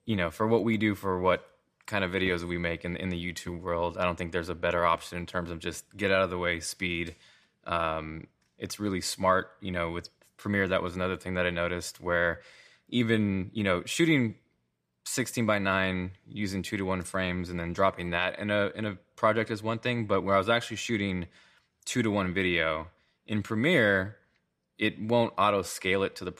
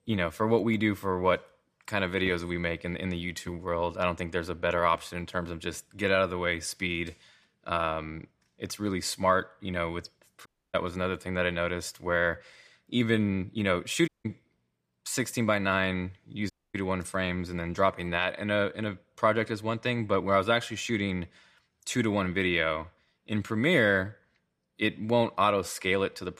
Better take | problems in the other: first | audio cutting out; at 10 s, at 14 s and at 17 s

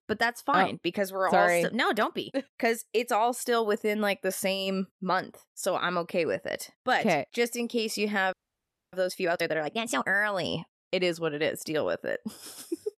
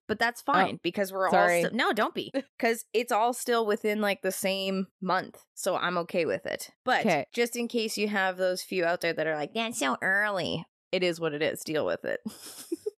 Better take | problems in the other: second | audio freezing; at 8.5 s for 0.5 s

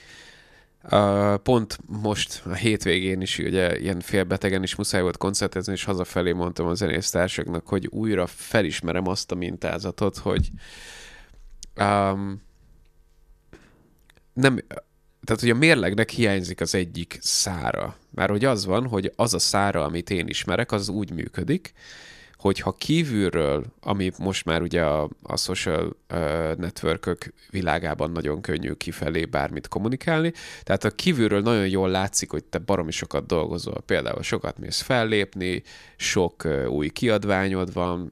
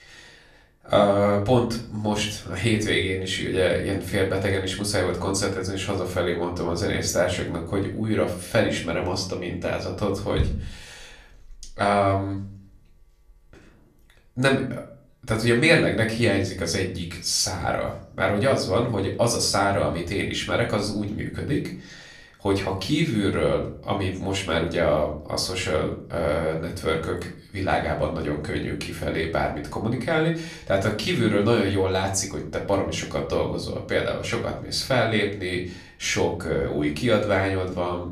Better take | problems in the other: first | room echo; slight; dies away in 0.4 s // off-mic speech; somewhat distant

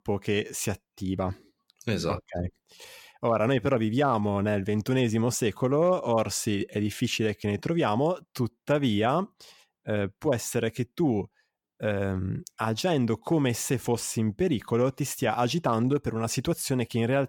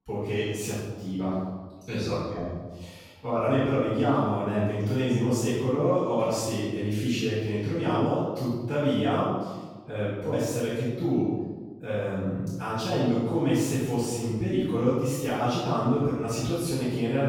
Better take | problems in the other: first | off-mic speech; far // room echo; strong; dies away in 1.1 s

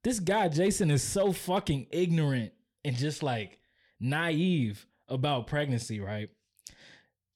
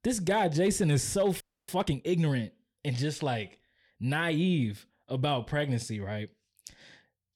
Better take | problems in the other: first | audio freezing; at 1.5 s

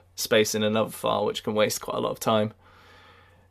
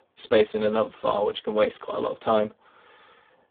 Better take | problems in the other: first | phone-call audio; poor line; nothing above 3.5 kHz

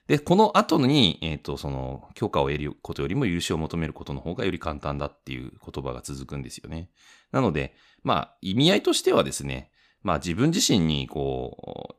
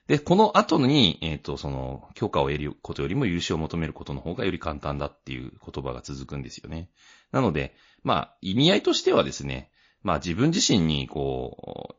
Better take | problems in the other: first | garbled, watery; slightly

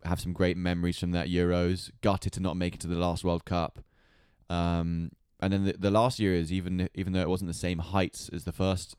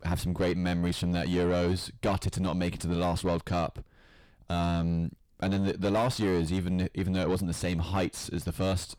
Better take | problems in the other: first | distortion; heavy; 6 dB below the speech

